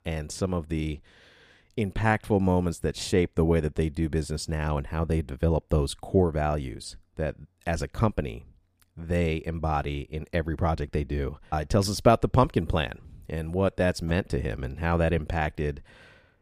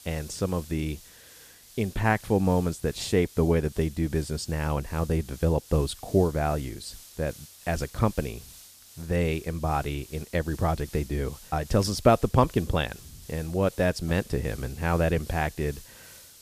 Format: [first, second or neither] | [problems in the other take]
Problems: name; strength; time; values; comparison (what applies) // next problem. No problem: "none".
first | hiss; noticeable; throughout; 20 dB below the speech